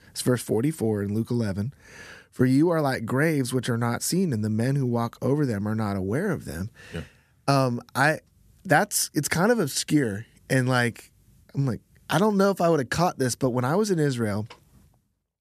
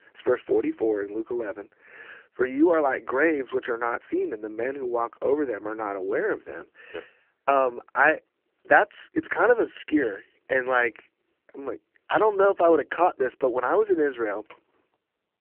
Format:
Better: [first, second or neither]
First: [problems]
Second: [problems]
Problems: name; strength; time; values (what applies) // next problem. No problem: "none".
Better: first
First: none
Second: phone-call audio; poor line